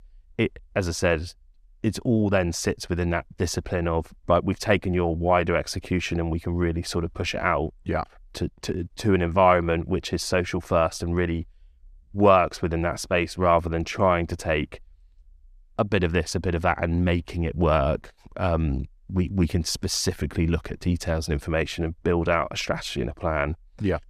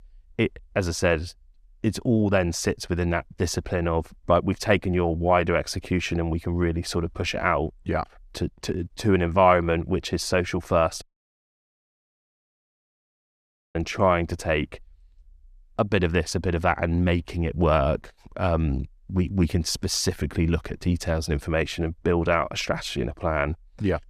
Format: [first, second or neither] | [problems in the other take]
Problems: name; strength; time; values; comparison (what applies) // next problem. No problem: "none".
first | audio cutting out; at 11 s for 2.5 s